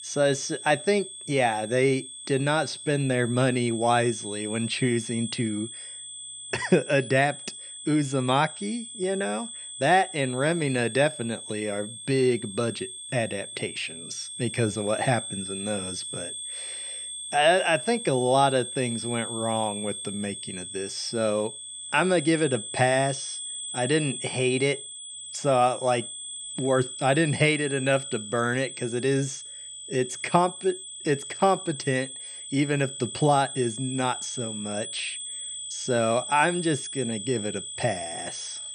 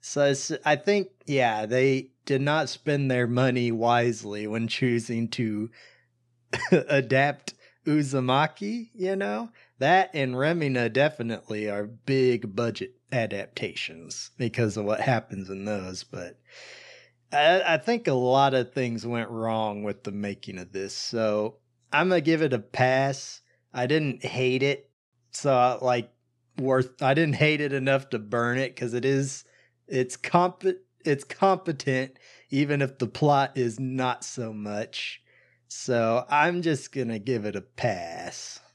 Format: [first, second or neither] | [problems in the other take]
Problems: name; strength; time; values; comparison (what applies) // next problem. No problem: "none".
second | high-pitched whine; loud; throughout; 8 kHz, 9 dB below the speech